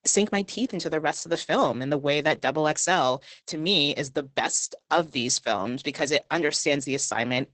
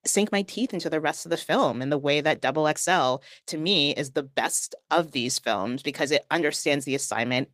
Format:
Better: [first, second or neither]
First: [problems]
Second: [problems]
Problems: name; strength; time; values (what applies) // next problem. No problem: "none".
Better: second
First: garbled, watery; badly; nothing above 8 kHz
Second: garbled, watery; slightly; nothing above 15 kHz